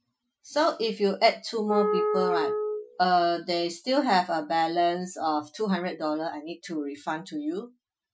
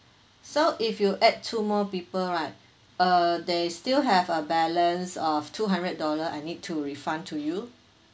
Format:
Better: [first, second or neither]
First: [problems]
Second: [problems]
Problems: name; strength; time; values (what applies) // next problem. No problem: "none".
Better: second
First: noise reduction (classical method Wiener filter)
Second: none